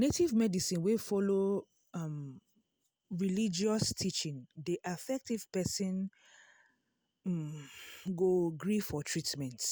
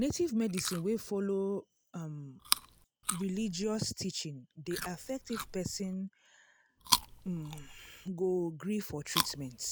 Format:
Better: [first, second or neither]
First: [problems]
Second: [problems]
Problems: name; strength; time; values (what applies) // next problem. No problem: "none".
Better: first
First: none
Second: background sound (Chewing, mastication); 4 dB below the speech